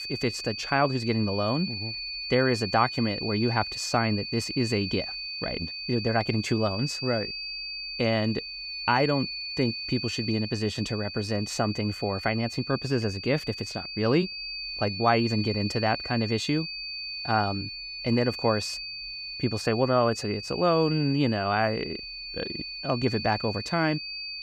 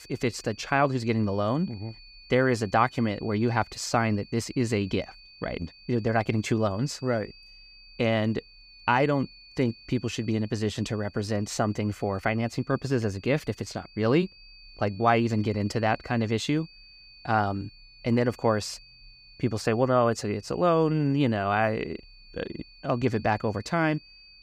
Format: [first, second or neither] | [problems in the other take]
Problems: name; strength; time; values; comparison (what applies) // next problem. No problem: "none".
second | high-pitched whine; loud; throughout; 4.5 kHz, 6 dB below the speech; faint in the second